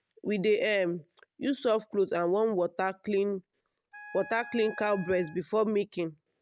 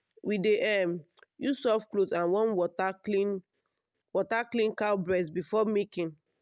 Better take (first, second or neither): second